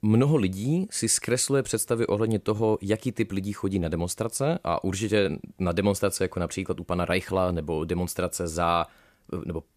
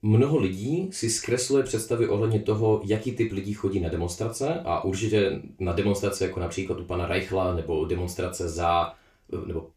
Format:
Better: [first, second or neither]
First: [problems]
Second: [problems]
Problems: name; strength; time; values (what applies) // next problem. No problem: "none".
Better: first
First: none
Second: room echo; slight; dies away in 0.3 s // off-mic speech; far